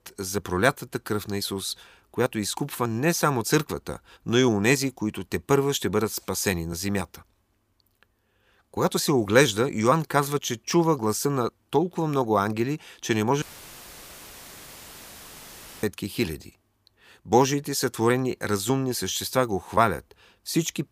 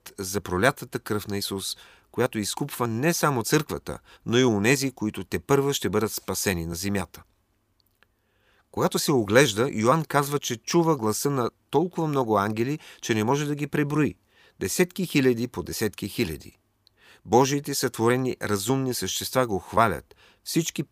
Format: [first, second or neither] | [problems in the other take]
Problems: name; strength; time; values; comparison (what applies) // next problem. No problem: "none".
second | audio cutting out; filled with static; at 13 s for 2.5 s